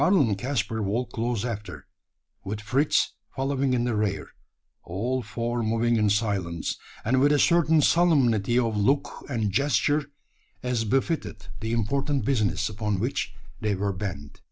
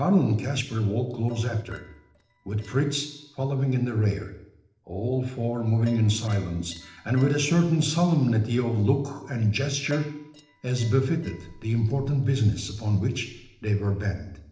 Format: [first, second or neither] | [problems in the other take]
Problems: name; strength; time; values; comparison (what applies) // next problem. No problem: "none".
first | noise reduction (neural separator model SepFormer DNS4)